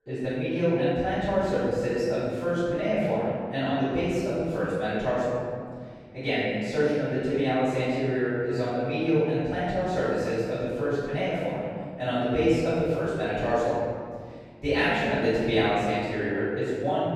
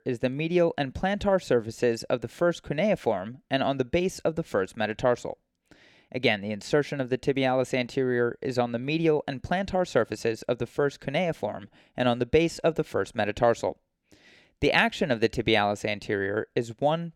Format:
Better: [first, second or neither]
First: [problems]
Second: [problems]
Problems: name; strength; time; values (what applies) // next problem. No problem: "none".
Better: second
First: off-mic speech; far // room echo; strong; dies away in 2.2 s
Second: none